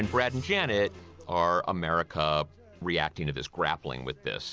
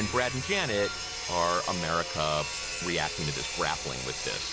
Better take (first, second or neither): first